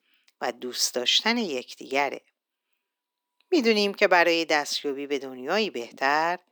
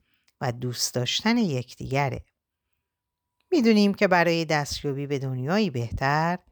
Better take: second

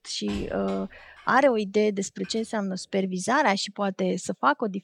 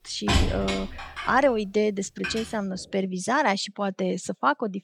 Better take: first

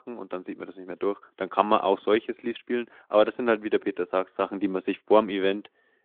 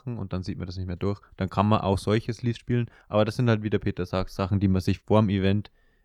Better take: second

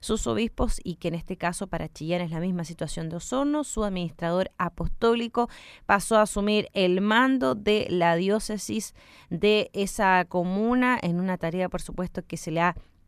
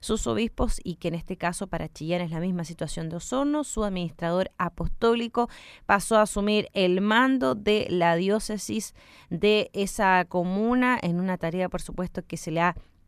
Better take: neither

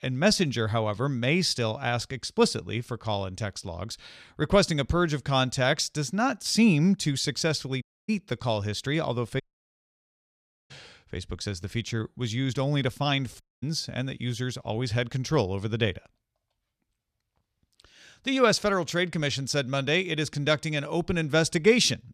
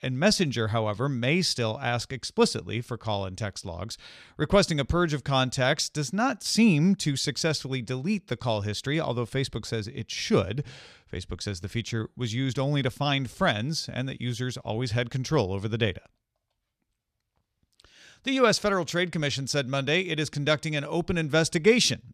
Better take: second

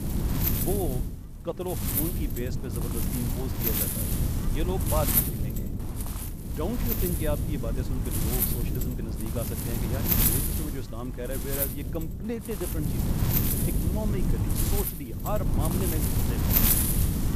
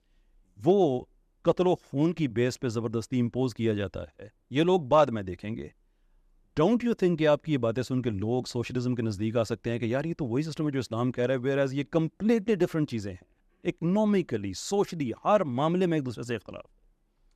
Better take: second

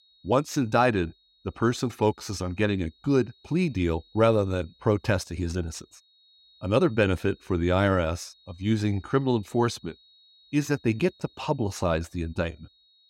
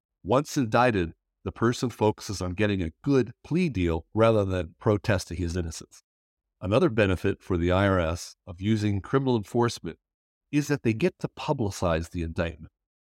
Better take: second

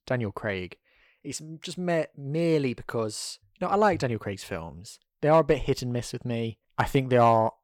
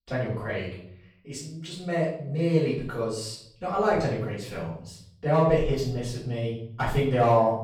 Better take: first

